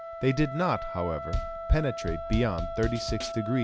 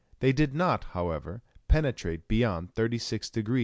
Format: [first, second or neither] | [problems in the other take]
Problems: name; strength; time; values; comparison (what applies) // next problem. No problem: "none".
second | background sound (Wind instrument, woodwind instrument + Bass drum / Snare drum / Drum kit); 6 dB below the speech